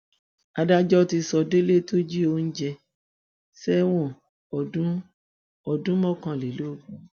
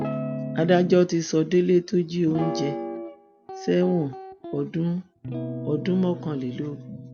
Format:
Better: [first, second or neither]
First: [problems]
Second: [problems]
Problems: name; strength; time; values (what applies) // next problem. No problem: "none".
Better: first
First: none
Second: background sound (Guitar); 9 dB below the speech